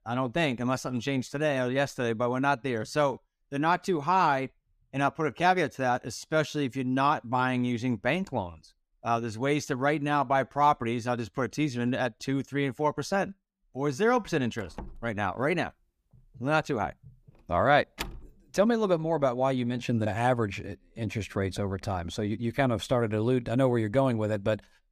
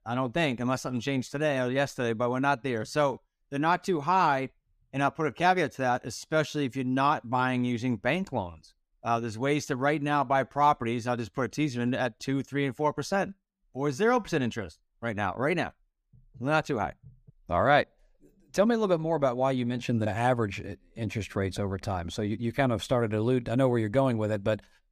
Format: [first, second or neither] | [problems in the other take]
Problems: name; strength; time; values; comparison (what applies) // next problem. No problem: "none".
second | door banging; faint; from 15 to 18 s; peak 10 dB below the speech